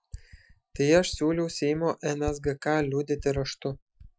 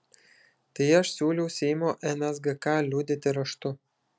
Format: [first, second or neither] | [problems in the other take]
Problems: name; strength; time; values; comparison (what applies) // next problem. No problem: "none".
second | noise reduction (classical method Wiener filter)